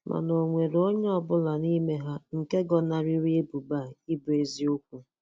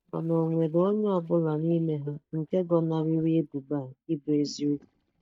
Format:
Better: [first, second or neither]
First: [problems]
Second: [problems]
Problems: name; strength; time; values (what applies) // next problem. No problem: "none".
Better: first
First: none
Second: noise reduction (neural mask model DeepFilterNet 3)